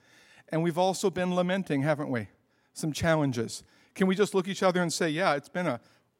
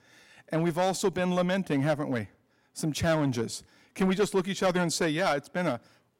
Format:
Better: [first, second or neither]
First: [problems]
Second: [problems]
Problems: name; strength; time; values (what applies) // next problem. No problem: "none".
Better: first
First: none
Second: distortion; slight; 4% of the sound clipped